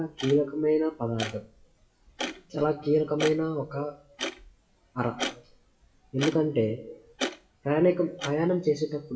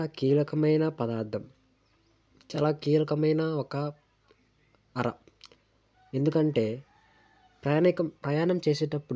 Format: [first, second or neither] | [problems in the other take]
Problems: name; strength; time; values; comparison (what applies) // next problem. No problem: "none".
second | noise reduction (classical method WPE with log-MMSE)